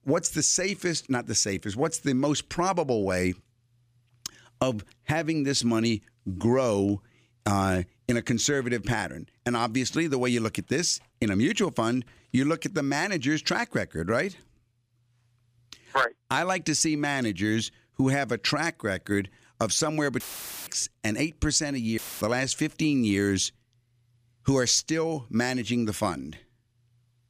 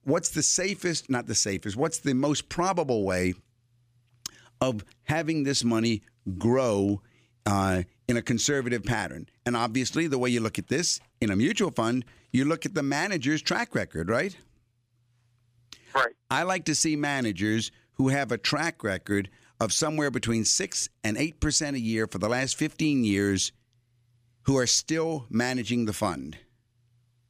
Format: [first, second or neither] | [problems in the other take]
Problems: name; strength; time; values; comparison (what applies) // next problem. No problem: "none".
second | audio cutting out; filled with static; at 20 s and at 22 s